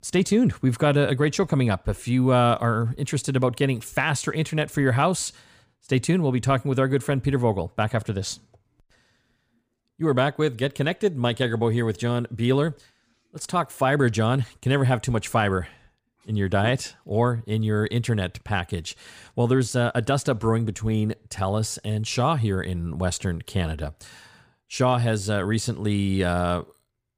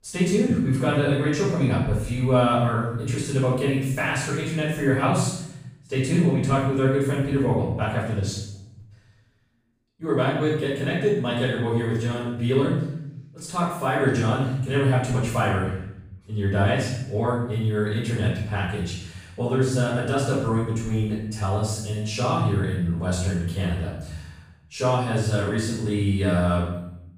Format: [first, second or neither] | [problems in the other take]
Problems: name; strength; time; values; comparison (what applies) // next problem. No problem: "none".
first | room echo; noticeable; dies away in 0.8 s // off-mic speech; far